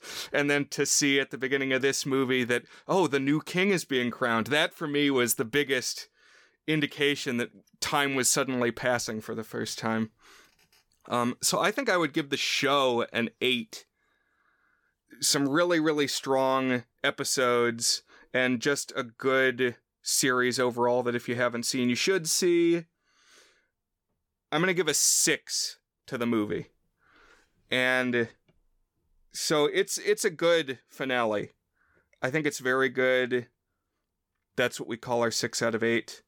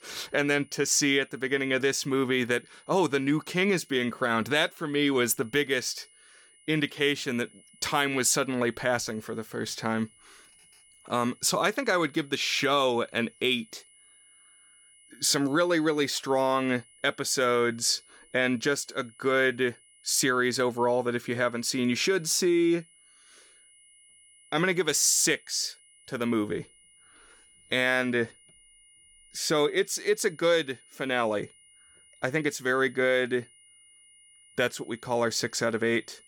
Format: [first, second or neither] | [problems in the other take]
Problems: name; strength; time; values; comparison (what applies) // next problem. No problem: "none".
first | high-pitched whine; faint; throughout; 10 kHz, 30 dB below the speech